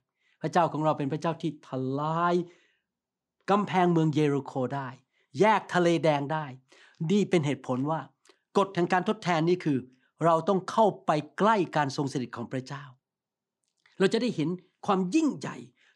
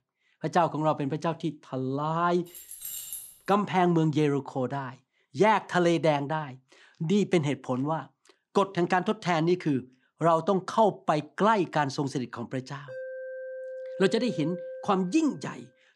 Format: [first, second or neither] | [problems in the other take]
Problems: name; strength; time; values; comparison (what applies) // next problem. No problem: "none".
first | jangling keys; noticeable; at 2.5 s; peak 8 dB below the speech // alarm; faint; from 13 to 15 s; peak 10 dB below the speech